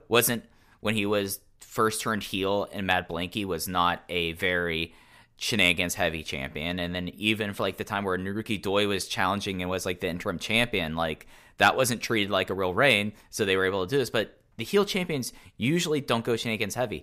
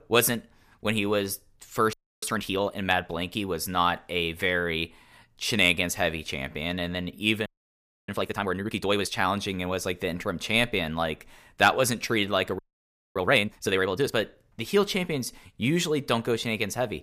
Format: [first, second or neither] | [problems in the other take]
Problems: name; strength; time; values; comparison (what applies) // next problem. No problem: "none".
first | audio freezing; at 2 s, at 7.5 s for 0.5 s and at 13 s for 0.5 s